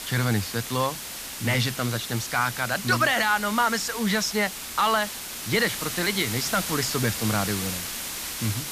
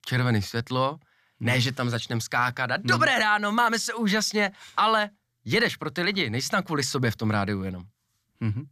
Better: second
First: hiss; loud; throughout; 6 dB below the speech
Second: none

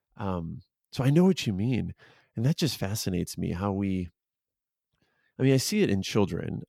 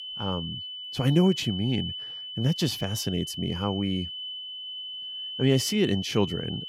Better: first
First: none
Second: high-pitched whine; loud; throughout; 3 kHz, 7 dB below the speech

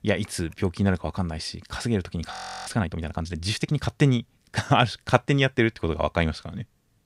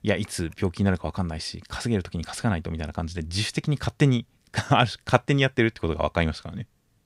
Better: second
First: audio freezing; at 2.5 s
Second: none

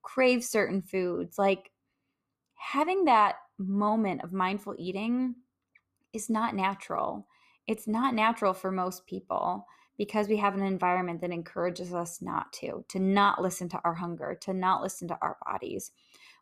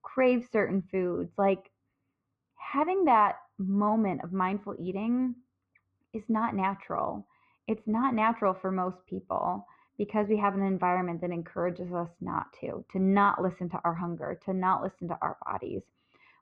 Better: first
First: none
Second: muffled; very; fading above 2 kHz

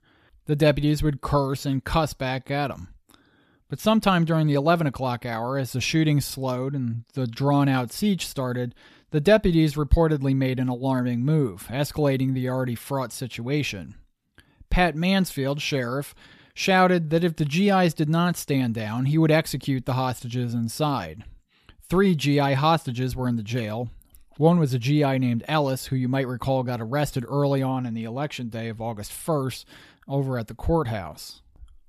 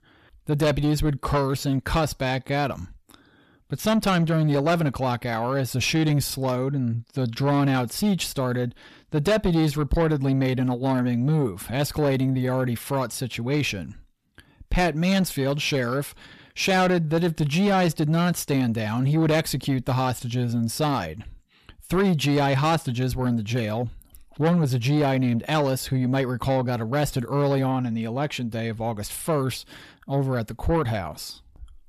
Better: first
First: none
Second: distortion; slight; 10 dB below the speech

